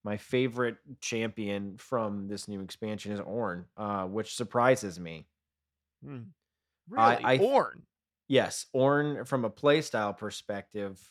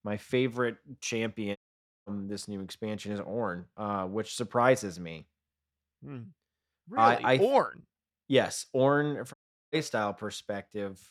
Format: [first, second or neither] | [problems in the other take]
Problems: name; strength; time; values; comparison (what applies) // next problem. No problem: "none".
first | audio cutting out; at 1.5 s for 0.5 s and at 9.5 s